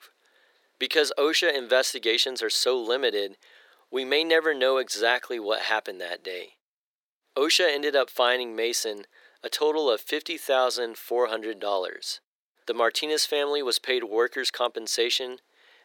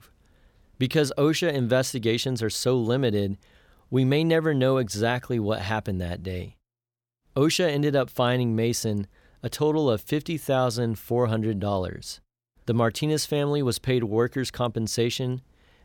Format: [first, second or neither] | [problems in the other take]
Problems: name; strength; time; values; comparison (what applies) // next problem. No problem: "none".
second | thin; very; fading below 350 Hz